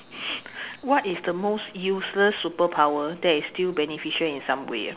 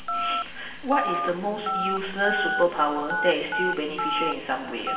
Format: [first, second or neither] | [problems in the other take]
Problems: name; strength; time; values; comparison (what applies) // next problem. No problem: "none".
first | background sound (Telephone); 2 dB below the speech // room echo; dies away in 1.2 s